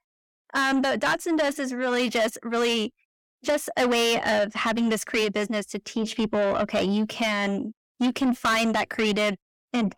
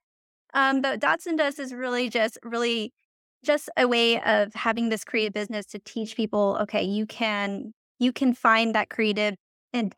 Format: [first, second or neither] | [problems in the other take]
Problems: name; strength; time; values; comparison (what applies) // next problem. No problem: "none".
second | distortion; heavy; 7 dB below the speech